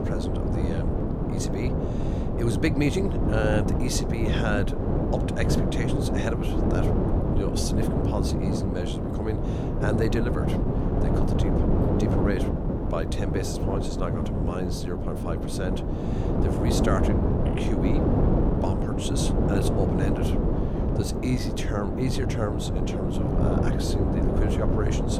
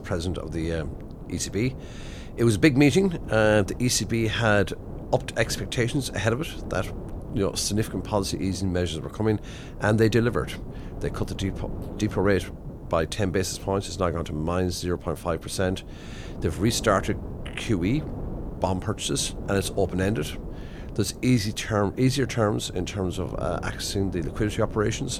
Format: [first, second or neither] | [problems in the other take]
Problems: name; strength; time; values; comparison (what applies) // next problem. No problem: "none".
second | wind noise on the microphone; heavy; 2 dB above the speech; occasional gusts in the second